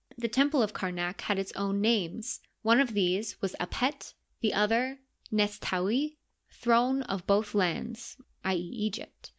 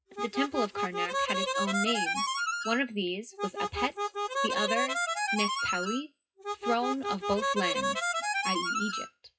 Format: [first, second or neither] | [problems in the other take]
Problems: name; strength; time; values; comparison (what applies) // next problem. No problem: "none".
first | noise reduction (classical method WPE with log-MMSE)